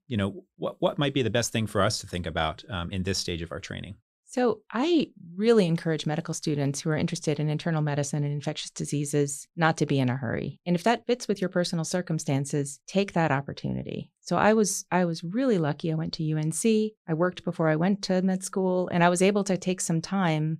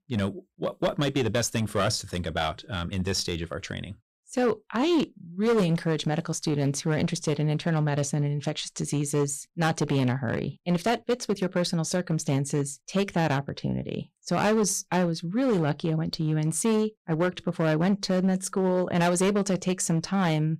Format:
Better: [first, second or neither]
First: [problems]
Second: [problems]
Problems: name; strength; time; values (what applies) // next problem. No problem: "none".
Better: first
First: none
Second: distortion; slight; 8% of the sound clipped